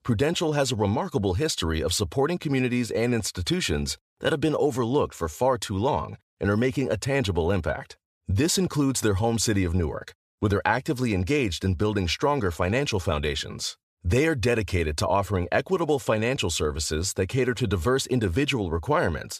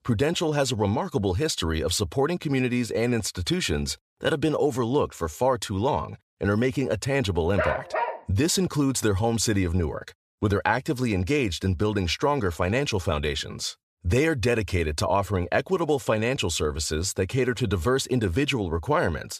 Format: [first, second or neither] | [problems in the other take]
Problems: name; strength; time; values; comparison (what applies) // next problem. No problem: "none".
first | dog barking; noticeable; at 7.5 s; peak 3 dB below the speech